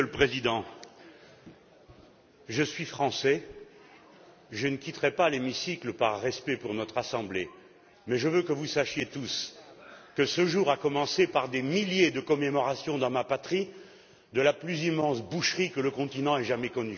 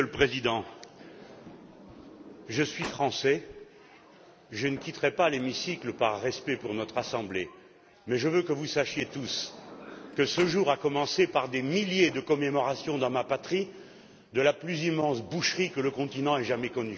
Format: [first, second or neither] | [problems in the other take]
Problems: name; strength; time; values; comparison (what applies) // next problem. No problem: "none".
first | background sound (Sliding door); 20 dB below the speech